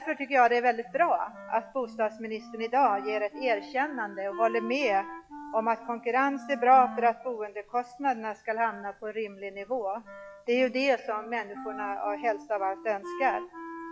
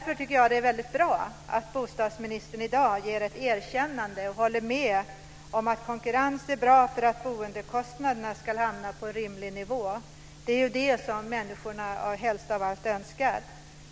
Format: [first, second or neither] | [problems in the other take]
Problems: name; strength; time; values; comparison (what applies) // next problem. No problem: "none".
second | noise reduction (classical method log-MMSE)